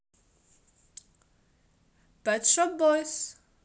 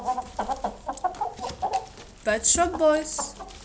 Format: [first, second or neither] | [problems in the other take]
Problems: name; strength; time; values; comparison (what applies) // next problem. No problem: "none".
first | background sound (Chicken, rooster); 4 dB below the speech